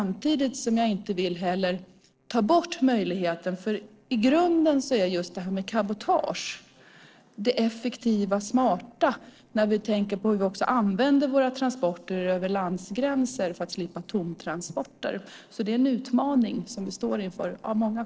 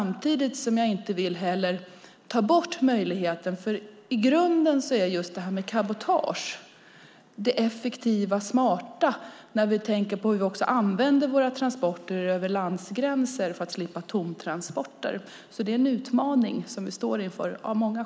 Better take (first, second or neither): second